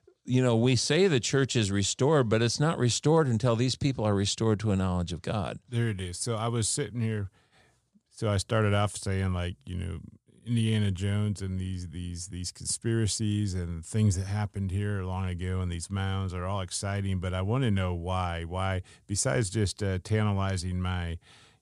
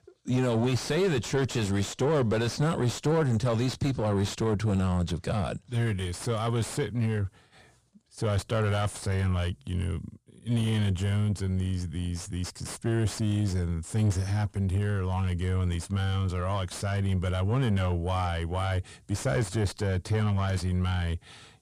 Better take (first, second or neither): first